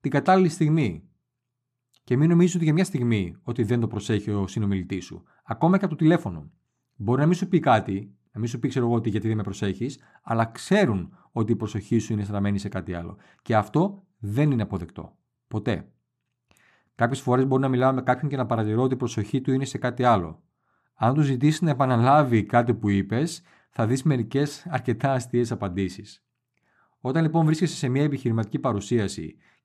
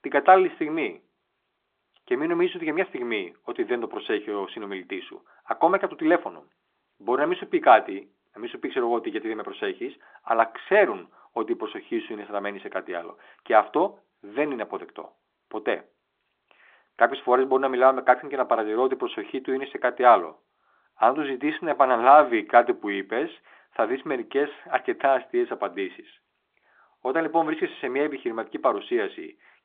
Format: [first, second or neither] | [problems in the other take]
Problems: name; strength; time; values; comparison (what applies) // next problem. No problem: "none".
first | phone-call audio; nothing above 3.5 kHz